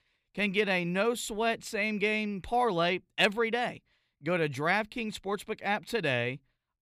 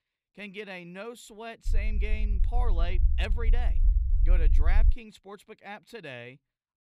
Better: first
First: none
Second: low rumble; noticeable; from 1.5 to 5 s; 10 dB below the speech

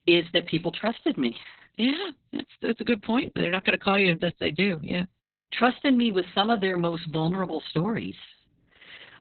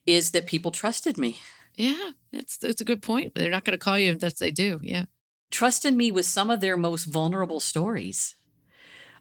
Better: second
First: garbled, watery; badly; nothing above 4 kHz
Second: garbled, watery; slightly; nothing above 19 kHz

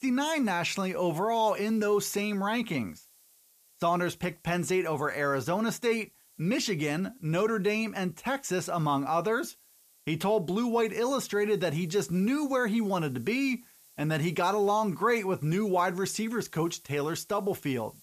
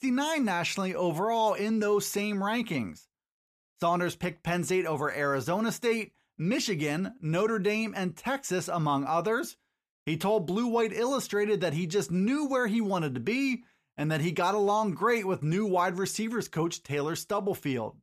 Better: second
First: hiss; faint; throughout; 25 dB below the speech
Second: none

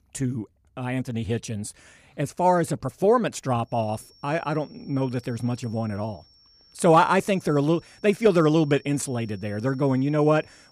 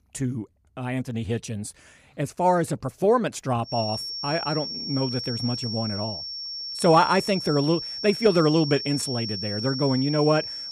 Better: first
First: high-pitched whine; faint; from 3.5 s on; 5.5 kHz, 30 dB below the speech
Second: high-pitched whine; loud; from 3.5 s on; 5.5 kHz, 6 dB below the speech

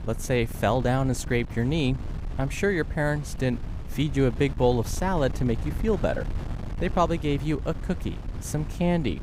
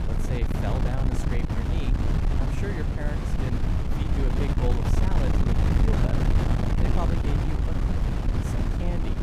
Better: first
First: wind noise on the microphone; occasional gusts; 15 dB below the speech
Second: wind noise on the microphone; heavy; 4 dB above the speech

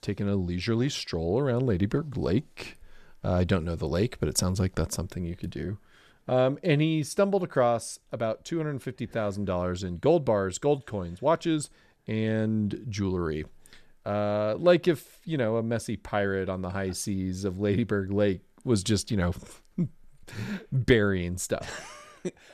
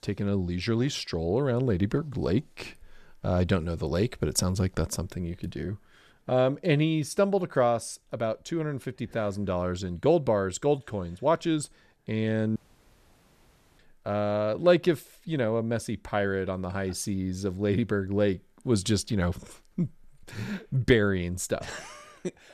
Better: first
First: none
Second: audio cutting out; at 13 s for 1 s

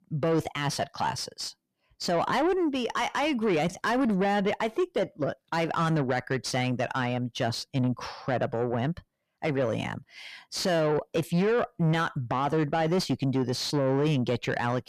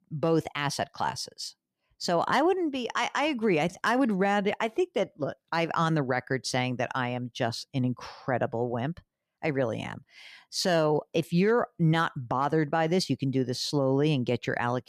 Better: second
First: distortion; slight; 10 dB below the speech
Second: none

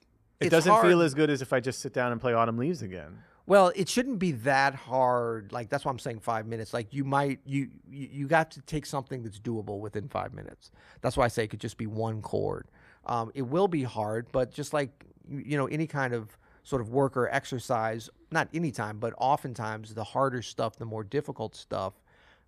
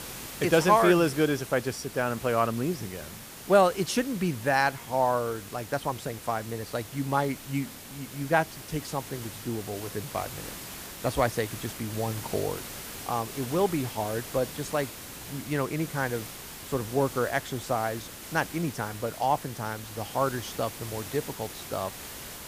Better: first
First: none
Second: hiss; noticeable; throughout; 10 dB below the speech

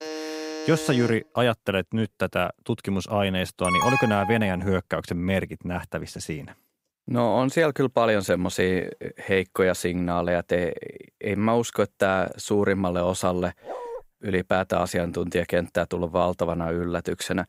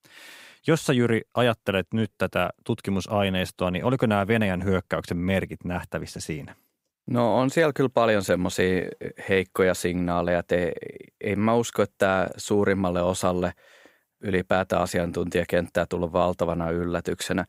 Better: second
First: alarm; noticeable; until 1 s; peak 8 dB below the speech // alarm; loud; at 3.5 s; peak 2 dB above the speech // dog barking; faint; at 14 s; peak 10 dB below the speech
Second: none

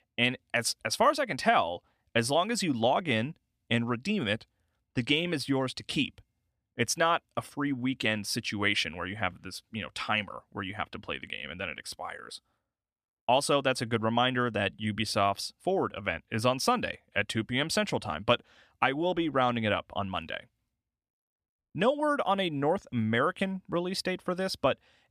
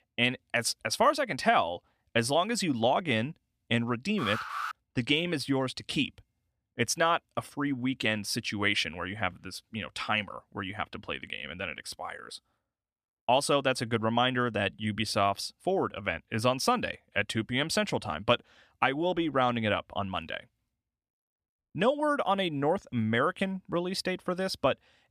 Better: first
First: none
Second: alarm; noticeable; at 4 s; peak 5 dB below the speech

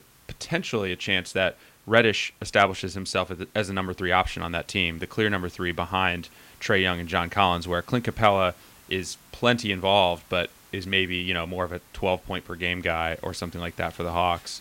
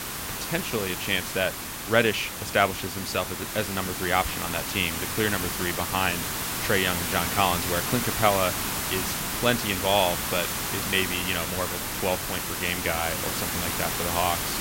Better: first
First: hiss; faint; throughout; 25 dB below the speech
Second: hiss; loud; throughout; 1 dB below the speech

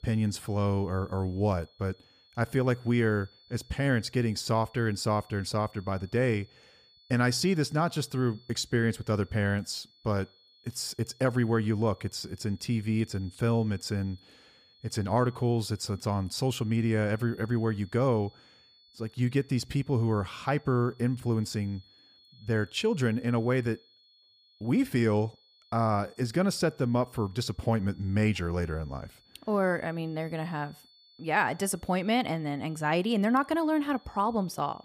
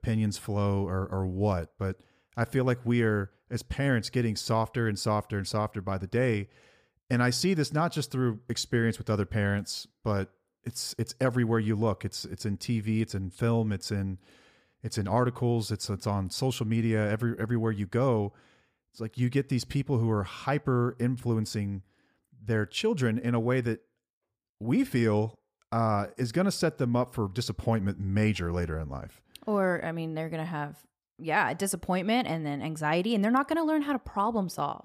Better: second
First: high-pitched whine; faint; throughout; 4.5 kHz, 30 dB below the speech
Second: none

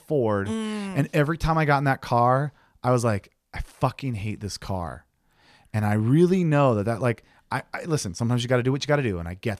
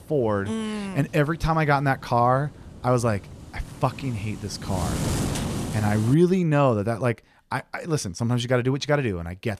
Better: first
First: none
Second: wind noise on the microphone; heavy; until 6 s; 9 dB below the speech

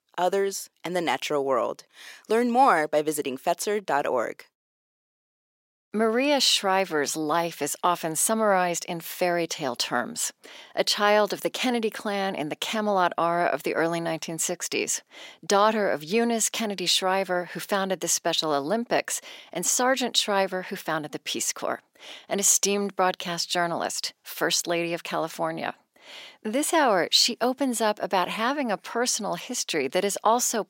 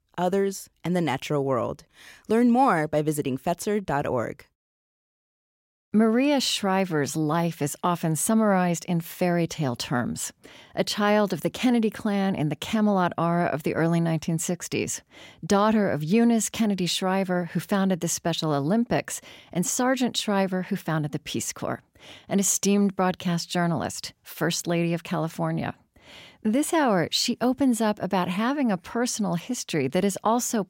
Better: second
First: thin; somewhat; fading below 400 Hz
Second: none

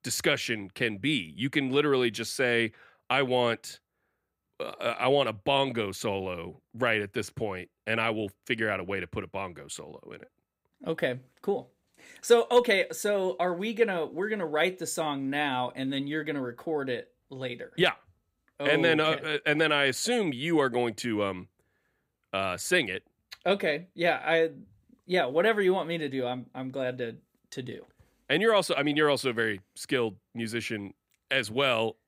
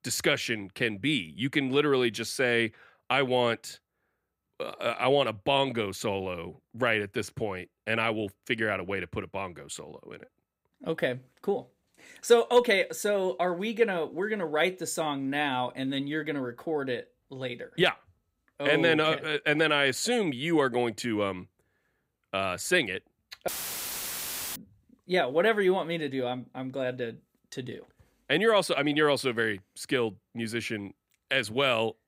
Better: first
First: none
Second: audio cutting out; filled with static; at 23 s for 1 s

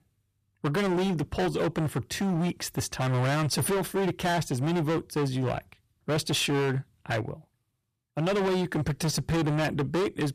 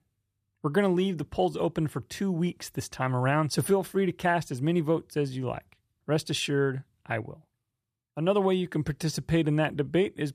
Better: second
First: distortion; heavy; 25% of the sound clipped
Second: none

